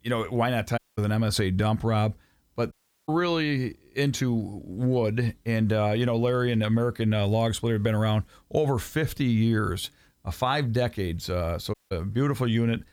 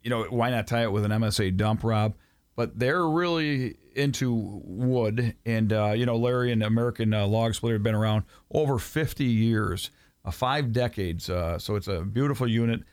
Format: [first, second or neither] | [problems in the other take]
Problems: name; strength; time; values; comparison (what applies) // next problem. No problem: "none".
second | audio cutting out; at 1 s, at 2.5 s and at 12 s